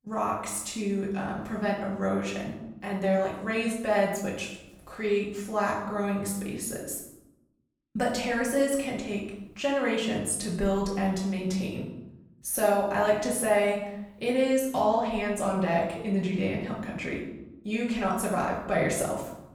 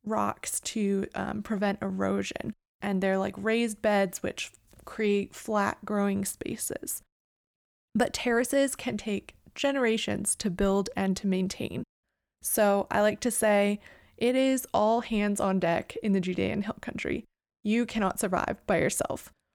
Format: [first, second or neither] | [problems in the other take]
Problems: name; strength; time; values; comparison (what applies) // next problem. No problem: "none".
second | off-mic speech; far // room echo; noticeable; dies away in 0.7 s